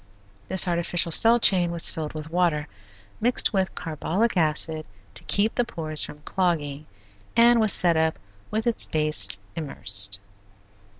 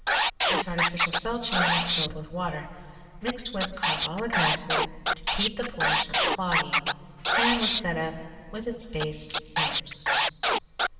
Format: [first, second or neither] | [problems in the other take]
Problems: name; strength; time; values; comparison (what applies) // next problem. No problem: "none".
first | background sound (Scratching (performance technique)); 5 dB above the speech // room echo; dies away in 2 s